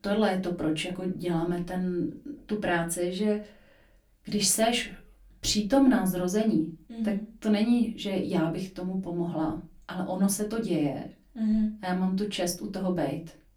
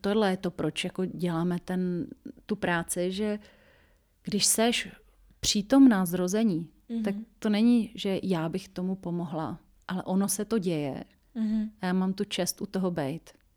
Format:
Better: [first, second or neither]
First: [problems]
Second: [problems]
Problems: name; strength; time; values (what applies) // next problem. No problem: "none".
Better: second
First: off-mic speech; far // room echo; very slight; dies away in 0.2 s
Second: none